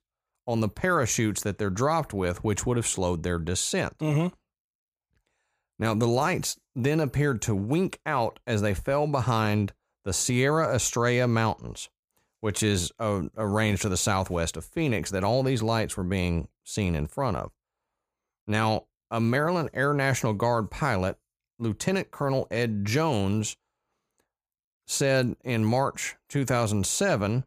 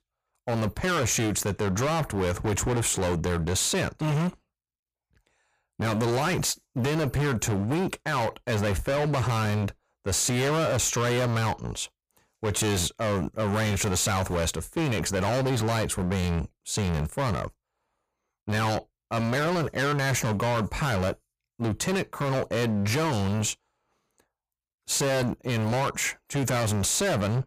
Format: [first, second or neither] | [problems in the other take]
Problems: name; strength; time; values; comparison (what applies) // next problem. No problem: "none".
first | distortion; heavy; 28% of the sound clipped